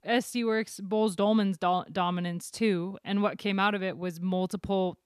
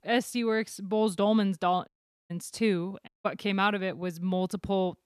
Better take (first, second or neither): first